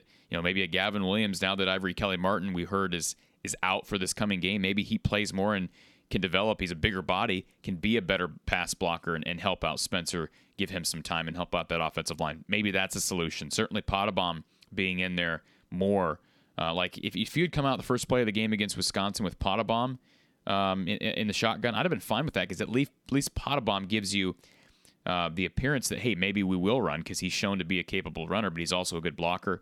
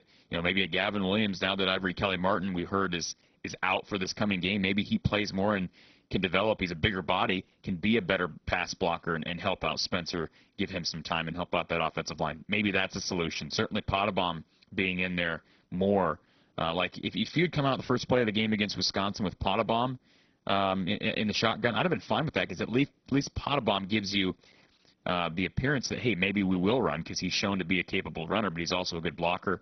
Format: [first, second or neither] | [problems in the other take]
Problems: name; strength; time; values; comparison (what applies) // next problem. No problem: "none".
first | garbled, watery; badly; nothing above 6 kHz